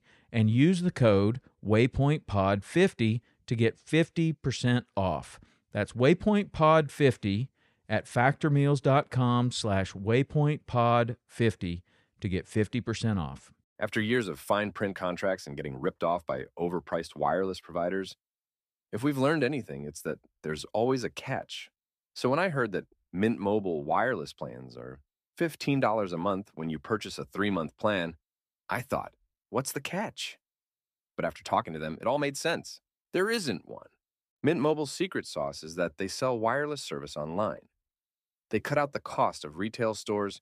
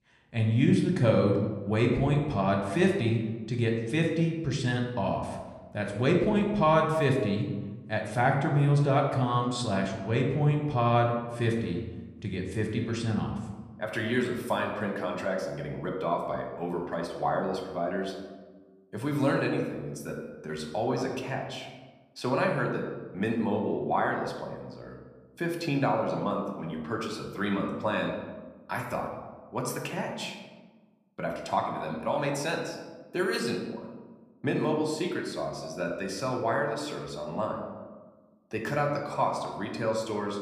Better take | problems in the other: first | room echo; slight; dies away in 1 s // off-mic speech; somewhat distant

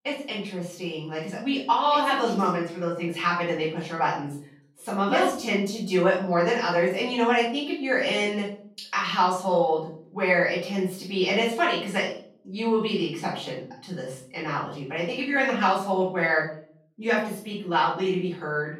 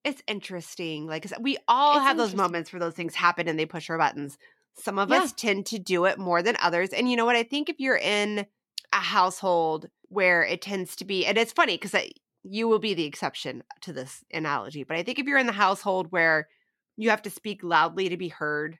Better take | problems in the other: second | off-mic speech; far // room echo; noticeable; dies away in 0.5 s

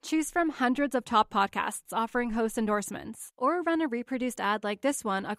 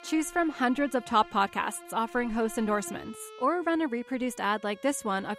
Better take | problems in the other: first | background music; noticeable; throughout; 20 dB below the speech

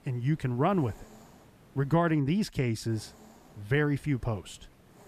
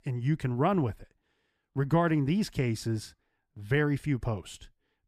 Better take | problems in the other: second | hiss; faint; until 2 s and from 3 s on; 25 dB below the speech

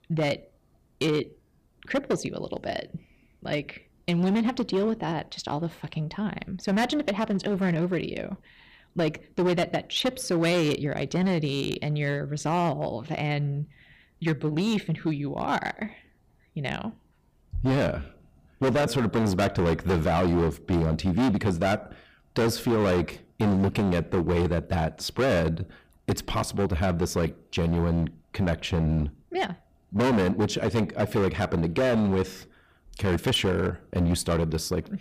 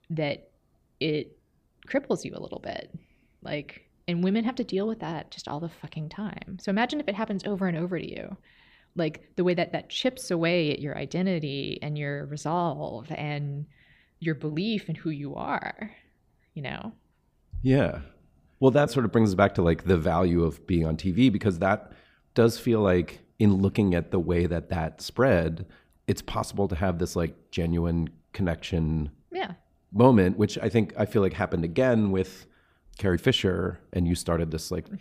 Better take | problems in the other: second | distortion; heavy; 12% of the sound clipped

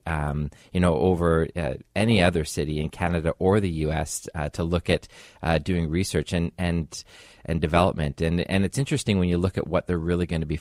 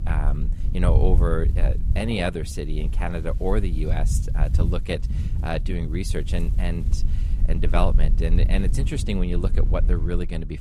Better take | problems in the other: first | wind noise on the microphone; occasional gusts; 10 dB below the speech

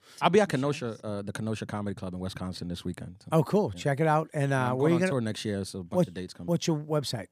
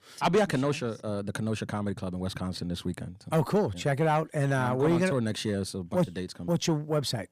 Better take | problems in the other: first | distortion; slight; 10 dB below the speech

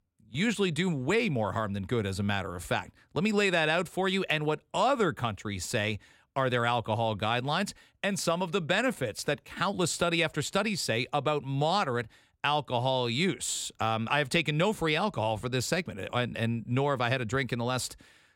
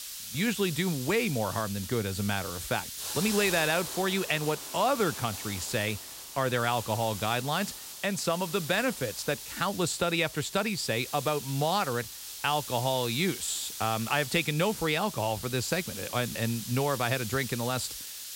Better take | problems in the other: first | hiss; loud; throughout; 8 dB below the speech

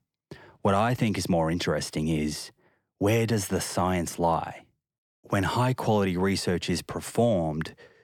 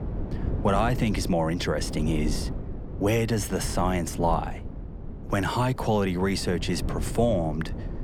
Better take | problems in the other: first | wind noise on the microphone; occasional gusts; 15 dB below the speech

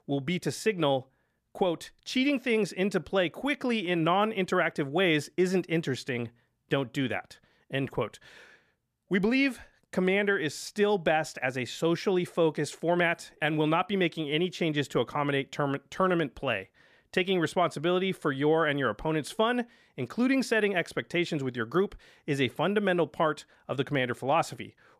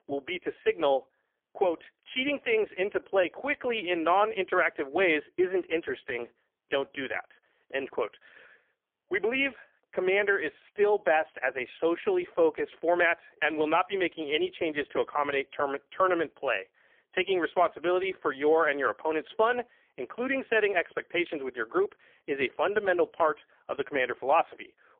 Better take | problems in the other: first | phone-call audio; poor line; nothing above 3.5 kHz

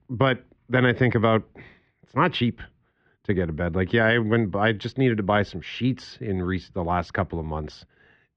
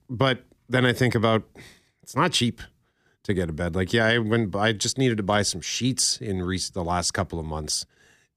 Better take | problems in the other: second | muffled; very; fading above 3 kHz

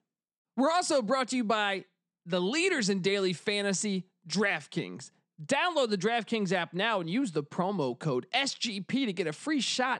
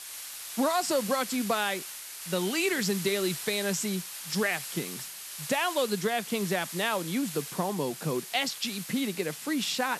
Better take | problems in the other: first | hiss; loud; throughout; 8 dB below the speech

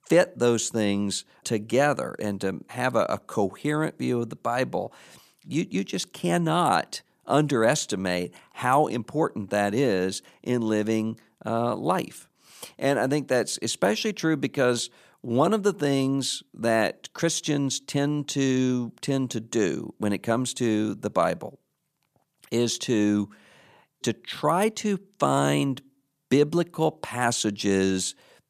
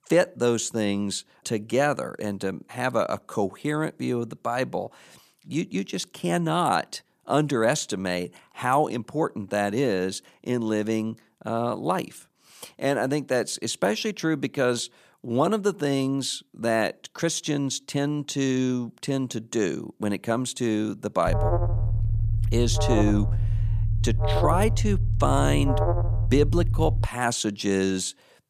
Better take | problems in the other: first | alarm; loud; from 21 to 27 s; peak 2 dB above the speech

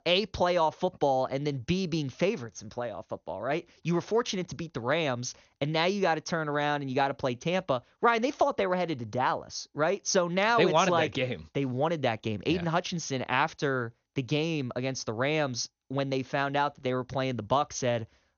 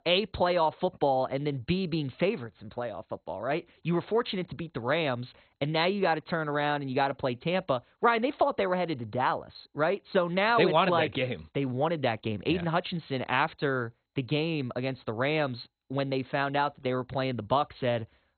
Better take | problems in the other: first | garbled, watery; badly; nothing above 4 kHz; slightly in the first

